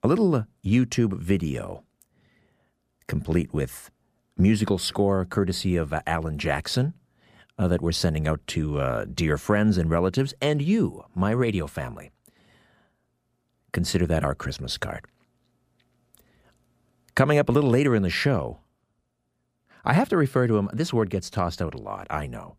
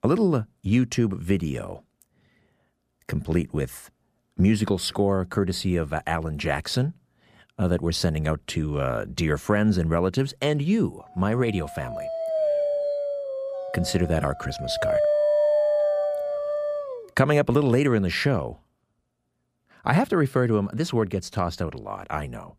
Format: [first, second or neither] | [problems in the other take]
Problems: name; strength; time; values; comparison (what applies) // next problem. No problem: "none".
first | dog barking; loud; from 12 to 17 s; peak 4 dB above the speech